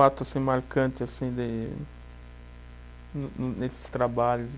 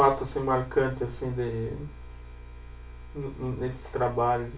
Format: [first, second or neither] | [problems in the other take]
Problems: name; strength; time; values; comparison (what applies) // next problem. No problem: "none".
first | room echo; dies away in 0.3 s